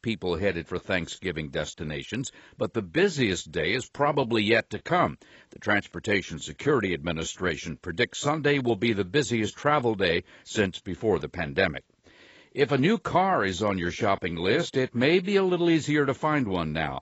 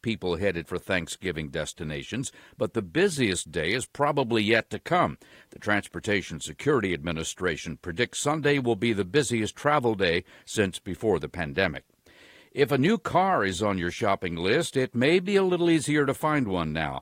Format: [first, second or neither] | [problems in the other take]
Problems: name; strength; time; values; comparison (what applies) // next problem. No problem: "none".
second | garbled, watery; badly; nothing above 8 kHz; slightly in the second